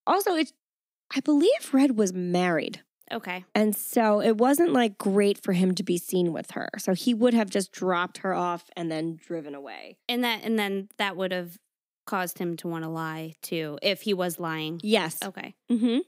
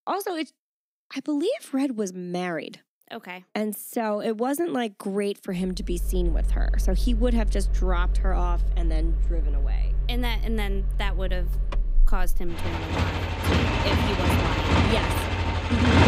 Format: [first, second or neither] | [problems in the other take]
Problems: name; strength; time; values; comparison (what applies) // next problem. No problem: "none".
first | traffic noise; very loud; from 6 s on; 4 dB above the speech